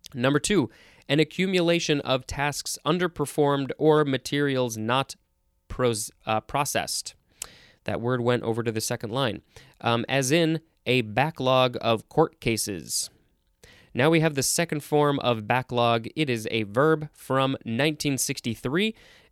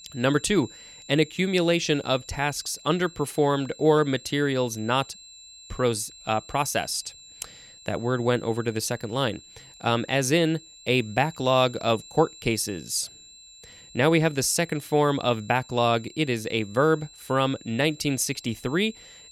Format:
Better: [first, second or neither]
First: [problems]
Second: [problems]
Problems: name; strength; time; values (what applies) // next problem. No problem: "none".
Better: first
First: none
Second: high-pitched whine; faint; throughout; 4 kHz, 20 dB below the speech